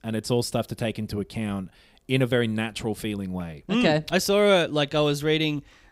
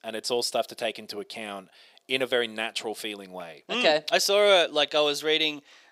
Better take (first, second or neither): first